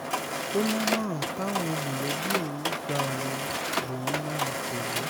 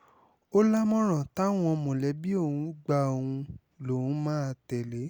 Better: second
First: background sound (Mechanisms); 3 dB above the speech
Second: none

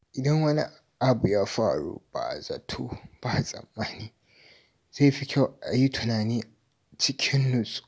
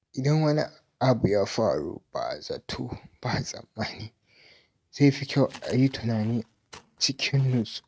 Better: first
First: none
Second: noise reduction (neural mask model RNNoise)

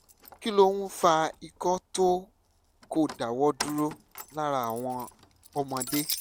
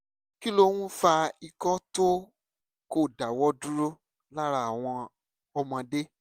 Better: second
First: background sound (Keys jangling); 13 dB below the speech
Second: none

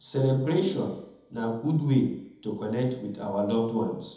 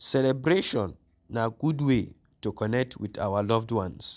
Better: second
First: room echo; dies away in 1 s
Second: none

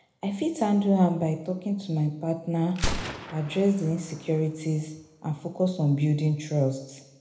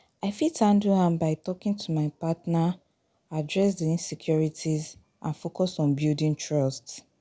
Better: second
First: background sound (Gunshot, gunfire); 12 dB below the speech // room echo; dies away in 0.8 s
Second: none

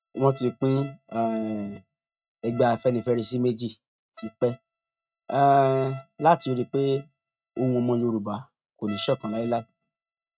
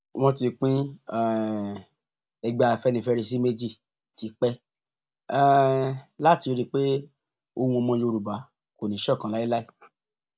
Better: second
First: noise reduction (neural mask model RNNoise)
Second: none

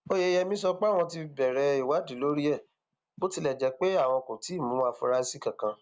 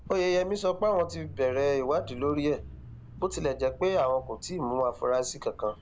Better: first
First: none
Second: background sound (Mechanisms / Bicycle); 16 dB below the speech

